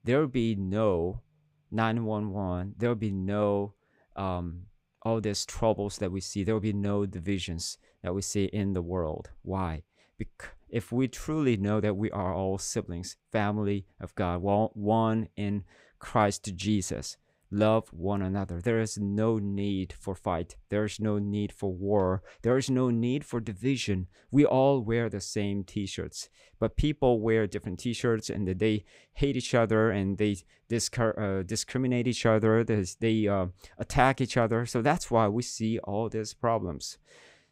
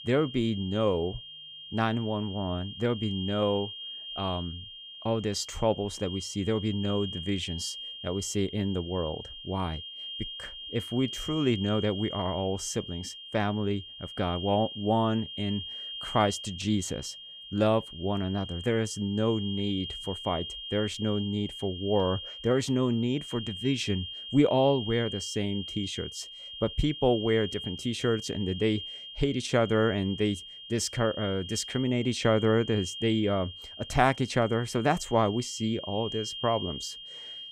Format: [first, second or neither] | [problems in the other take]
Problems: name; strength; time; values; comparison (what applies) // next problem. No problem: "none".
first | high-pitched whine; loud; throughout; 3 kHz, 9 dB below the speech